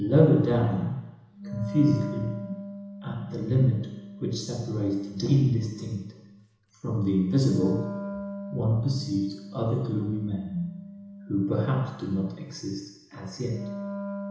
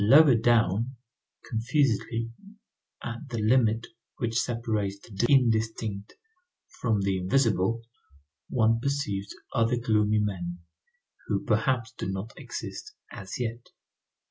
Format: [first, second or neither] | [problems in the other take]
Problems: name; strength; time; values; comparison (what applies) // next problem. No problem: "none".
second | background sound (Wind instrument, woodwind instrument); 13 dB below the speech // room echo; dies away in 1 s